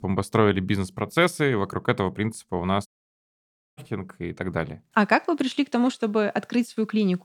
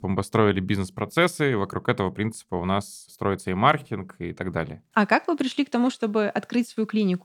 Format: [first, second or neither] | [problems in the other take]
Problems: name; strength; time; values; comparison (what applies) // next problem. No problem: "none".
second | audio cutting out; at 3 s for 1 s